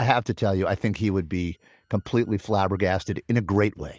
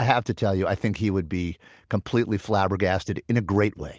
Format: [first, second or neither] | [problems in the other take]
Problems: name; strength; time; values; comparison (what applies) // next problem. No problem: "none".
second | noise reduction (neural mask model DeepFilterNet 3)